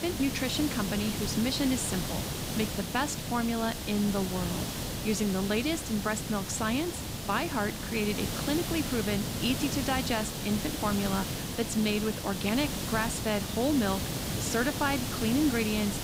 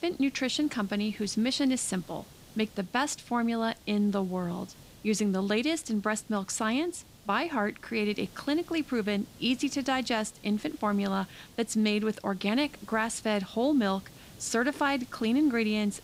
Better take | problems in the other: second | hiss; loud; throughout; 3 dB below the speech; faint in the second

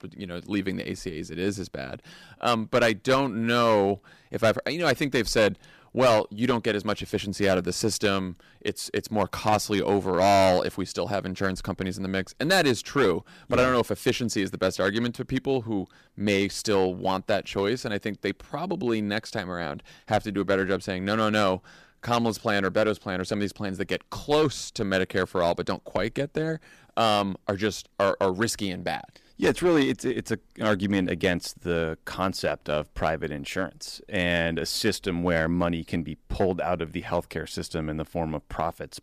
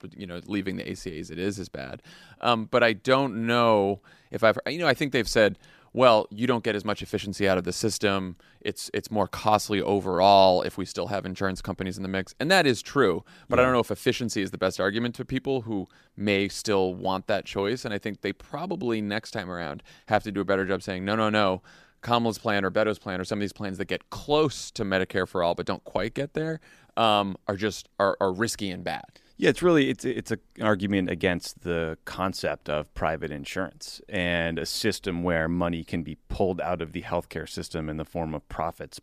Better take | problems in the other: second | distortion; slight; 3% of the sound clipped

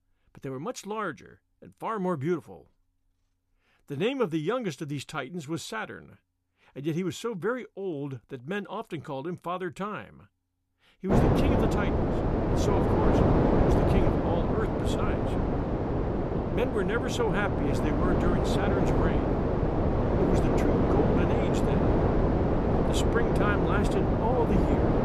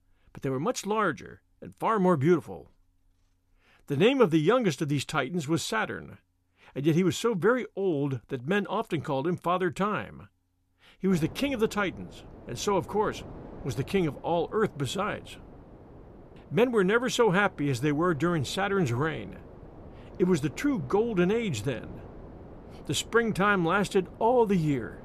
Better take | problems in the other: second | wind noise on the microphone; heavy; from 11 s on; 4 dB above the speech; occasional gusts in the second

